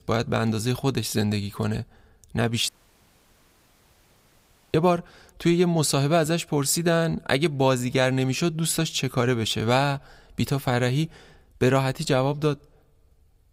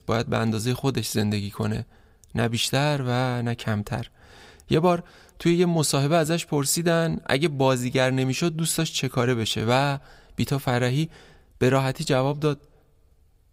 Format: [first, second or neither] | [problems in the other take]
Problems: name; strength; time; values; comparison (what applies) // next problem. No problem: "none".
second | audio cutting out; at 2.5 s for 2 s